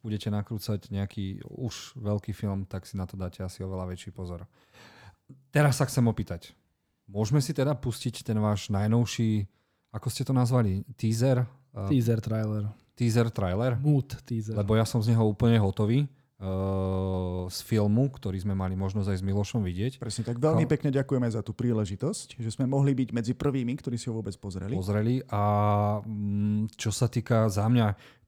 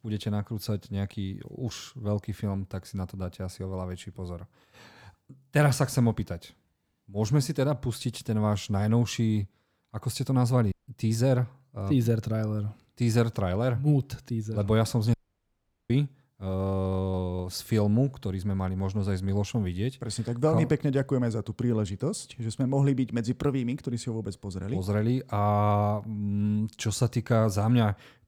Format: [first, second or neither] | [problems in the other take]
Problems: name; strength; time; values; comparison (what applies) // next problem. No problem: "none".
first | audio cutting out; at 11 s and at 15 s for 1 s